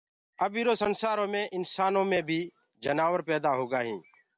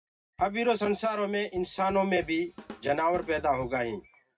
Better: first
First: none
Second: background sound (Drum / Drum kit); 20 dB below the speech // room echo; dies away in 0.2 s

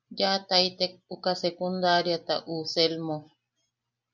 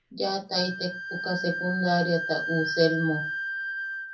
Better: first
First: none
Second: background sound (Wind instrument, woodwind instrument); 4 dB below the speech // room echo; dies away in 0.3 s

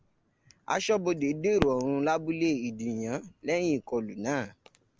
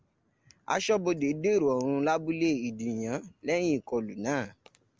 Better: second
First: background sound (Fireworks); 14 dB below the speech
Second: none

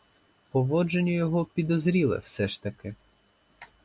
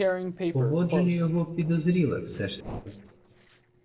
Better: first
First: none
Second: noise reduction (neural separator model SepFormer DNS4)

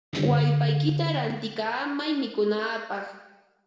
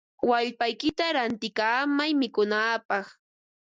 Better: second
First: background sound (Guitar); 1 dB above the speech // room echo; dies away in 1.1 s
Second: none

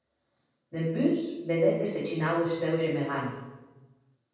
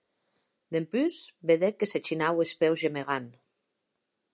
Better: second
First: room echo; dies away in 1.2 s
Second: none

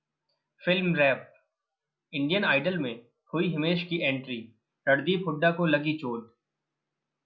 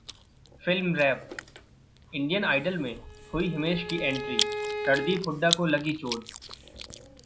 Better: first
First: none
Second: background sound (Chewing, mastication + Bowed string instrument); 6 dB below the speech

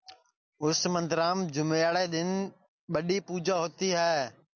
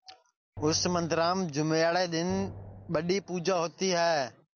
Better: first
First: none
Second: background sound (Drum); 17 dB below the speech

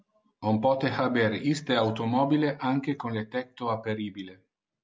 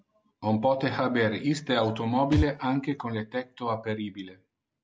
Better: first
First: none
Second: background sound (Thump, thud); 11 dB below the speech

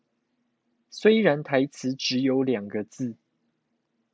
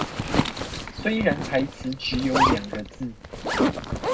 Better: first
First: none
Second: background sound (Zipper (clothing)); 3 dB above the speech // room echo; dies away in 0.3 s

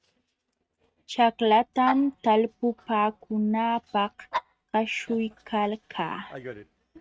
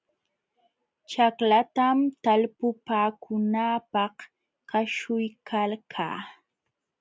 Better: second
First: noise reduction (neural mask model RNNoise)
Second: none

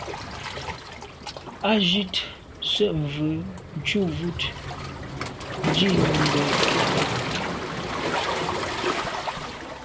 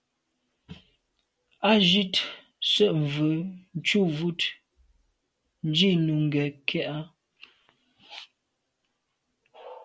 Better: second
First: background sound (Waves, surf); as loud as the speech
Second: none

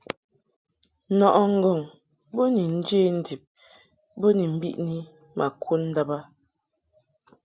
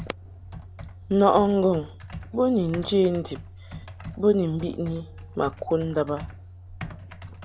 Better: first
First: none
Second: background sound (Computer keyboard); 14 dB below the speech

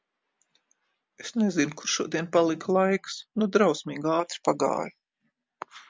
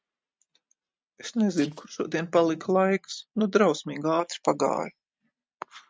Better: first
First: none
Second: noise reduction (neural mask model RNNoise)

